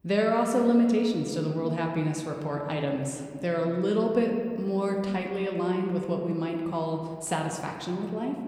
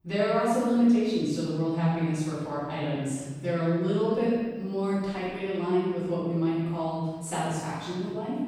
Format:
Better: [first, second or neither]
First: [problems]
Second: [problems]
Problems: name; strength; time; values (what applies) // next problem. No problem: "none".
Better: first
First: room echo; slight; dies away in 1.8 s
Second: room echo; strong; dies away in 1.4 s // off-mic speech; far